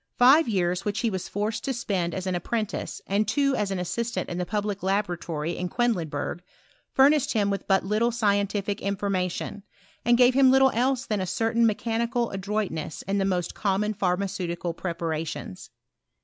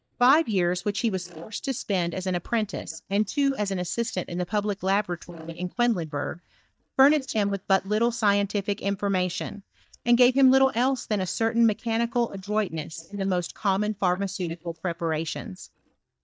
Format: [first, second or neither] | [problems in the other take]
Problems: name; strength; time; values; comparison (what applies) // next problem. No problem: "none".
first | noise reduction (neural mask model DeepFilterNet 3)